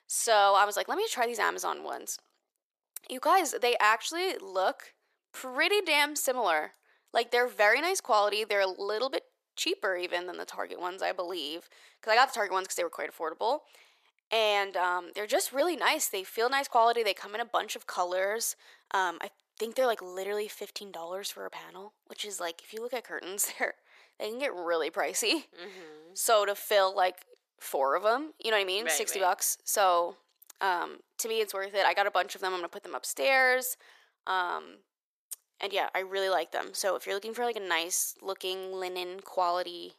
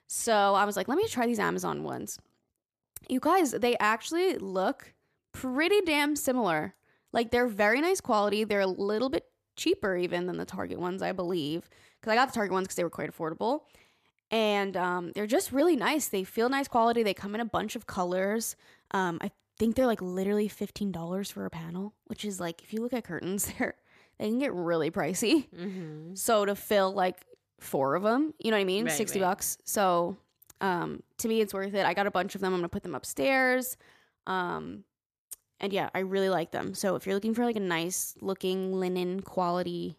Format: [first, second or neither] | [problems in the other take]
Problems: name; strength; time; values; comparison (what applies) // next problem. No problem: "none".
second | thin; very; fading below 500 Hz